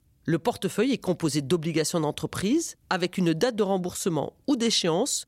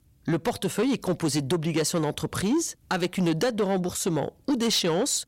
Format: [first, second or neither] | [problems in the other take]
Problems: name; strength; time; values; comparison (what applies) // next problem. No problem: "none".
first | distortion; slight; 10 dB below the speech